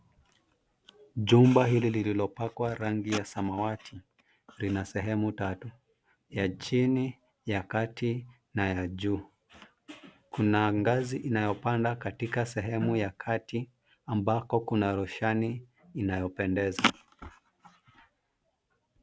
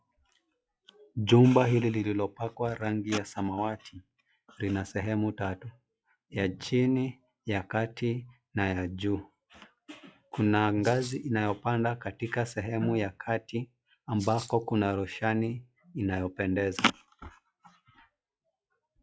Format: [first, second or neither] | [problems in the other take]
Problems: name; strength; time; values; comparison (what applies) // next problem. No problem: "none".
first | noise reduction (classical method log-MMSE)